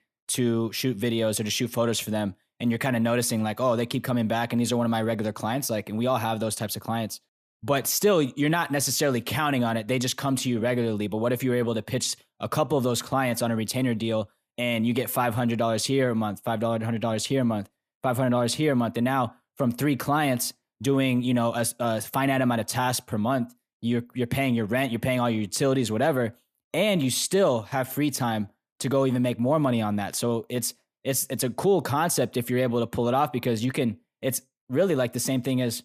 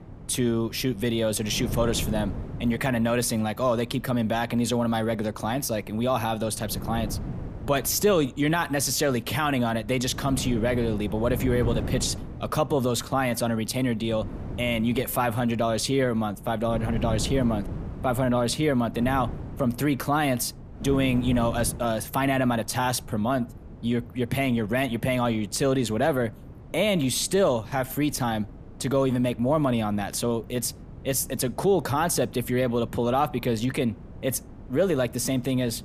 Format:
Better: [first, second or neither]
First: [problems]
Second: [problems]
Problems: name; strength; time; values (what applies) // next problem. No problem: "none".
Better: first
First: none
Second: wind noise on the microphone; occasional gusts; 20 dB below the speech